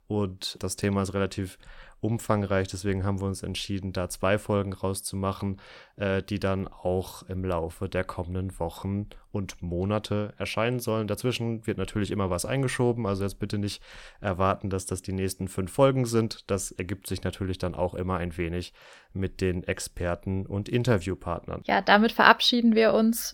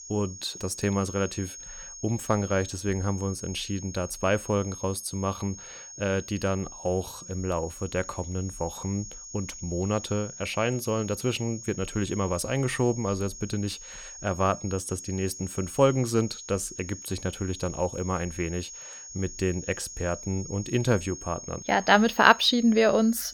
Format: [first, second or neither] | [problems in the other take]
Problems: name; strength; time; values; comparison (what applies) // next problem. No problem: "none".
first | high-pitched whine; noticeable; throughout; 6.5 kHz, 10 dB below the speech